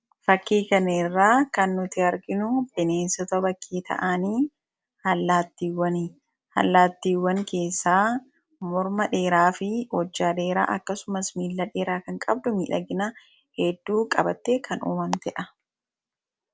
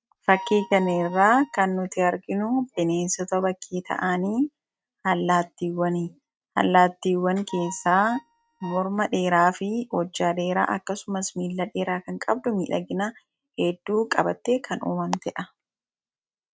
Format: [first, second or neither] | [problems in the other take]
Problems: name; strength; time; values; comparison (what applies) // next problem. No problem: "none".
first | noise reduction (neural mask model RNNoise)